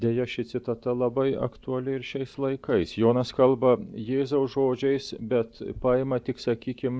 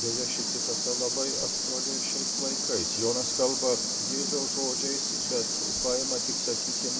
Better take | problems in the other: first | background sound (Cricket); 4 dB above the speech // room echo; dies away in 0.7 s

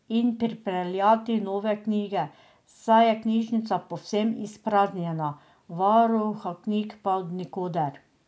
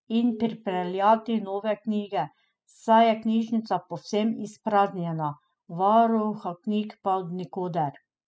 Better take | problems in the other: first | noise reduction (classical method spectral subtraction)

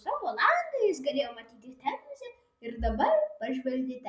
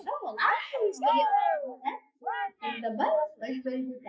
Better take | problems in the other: first | noise reduction (neural mask model Resemble Enhance denoiser)

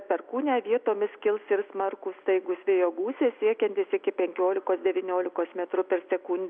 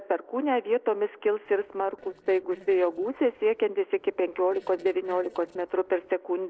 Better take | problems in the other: first | noise reduction (neural separator model SepFormer DNS4)

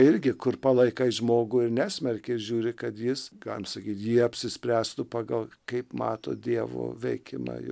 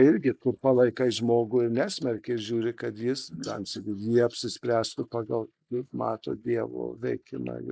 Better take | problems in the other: first | noise reduction (neural mask model Resemble Enhance denoiser)

